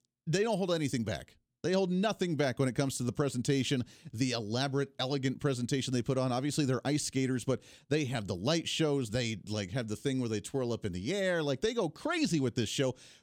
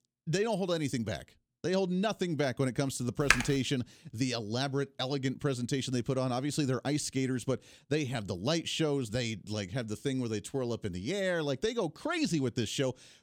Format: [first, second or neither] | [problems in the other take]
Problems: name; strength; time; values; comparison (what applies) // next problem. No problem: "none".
first | keyboard typing; loud; at 3.5 s; peak 5 dB above the speech